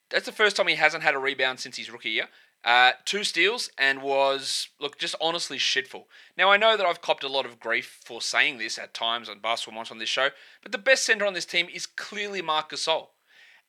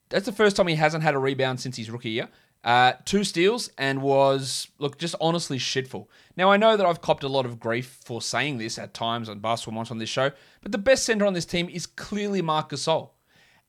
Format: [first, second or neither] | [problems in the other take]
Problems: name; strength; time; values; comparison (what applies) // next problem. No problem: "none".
second | thin; somewhat; fading below 400 Hz